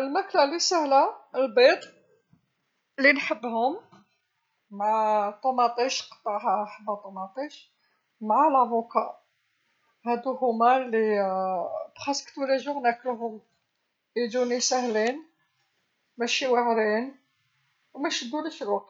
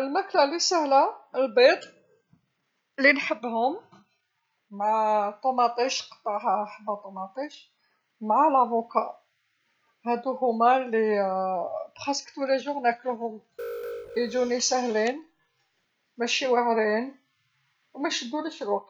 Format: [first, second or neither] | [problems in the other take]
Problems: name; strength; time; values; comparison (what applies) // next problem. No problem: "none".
first | background sound (Alarm); 14 dB below the speech